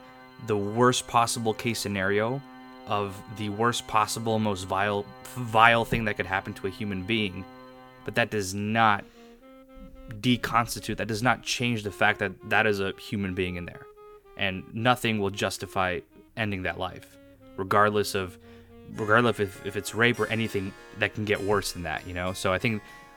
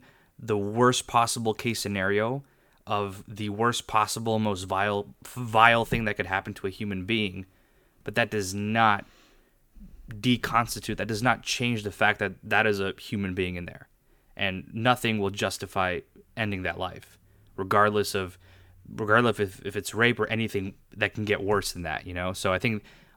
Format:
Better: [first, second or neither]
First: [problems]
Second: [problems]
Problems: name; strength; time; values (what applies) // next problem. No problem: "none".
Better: second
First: background music; faint; throughout; 20 dB below the speech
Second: none